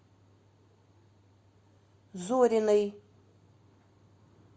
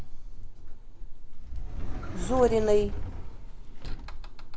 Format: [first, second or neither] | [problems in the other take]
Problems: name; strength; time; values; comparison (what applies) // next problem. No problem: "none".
first | background sound (Sliding door); 1 dB above the speech